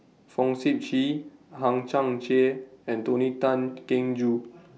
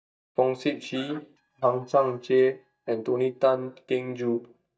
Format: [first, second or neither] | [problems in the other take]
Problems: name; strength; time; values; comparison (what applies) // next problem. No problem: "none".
first | noise reduction (neural mask model DeepFilterNet 3)